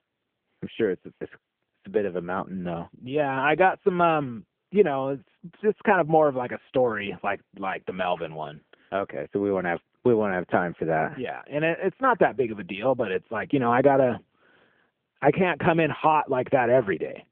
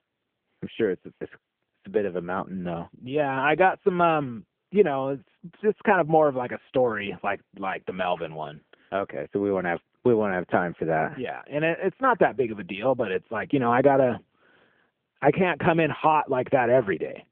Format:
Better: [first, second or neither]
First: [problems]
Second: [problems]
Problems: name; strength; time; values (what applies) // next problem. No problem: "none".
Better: neither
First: phone-call audio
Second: phone-call audio